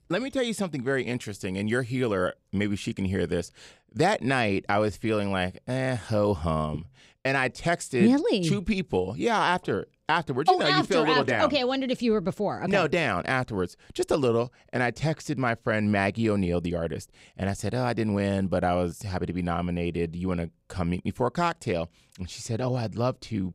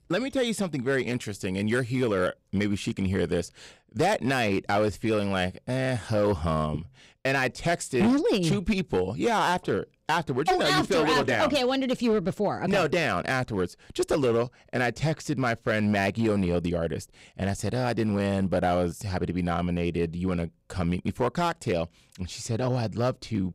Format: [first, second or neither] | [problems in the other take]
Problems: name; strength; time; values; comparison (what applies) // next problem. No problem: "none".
first | distortion; slight; 6% of the sound clipped